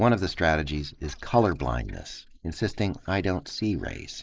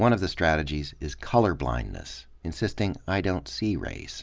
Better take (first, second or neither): second